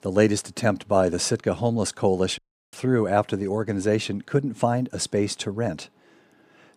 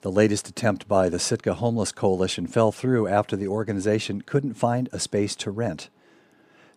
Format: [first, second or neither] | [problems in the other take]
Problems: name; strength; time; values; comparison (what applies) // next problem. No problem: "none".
second | audio cutting out; at 2.5 s